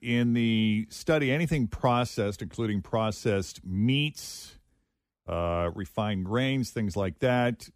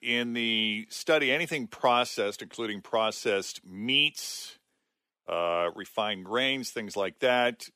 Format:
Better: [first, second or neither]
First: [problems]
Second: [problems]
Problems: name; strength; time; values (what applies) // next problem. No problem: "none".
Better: first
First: none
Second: thin; somewhat; fading below 400 Hz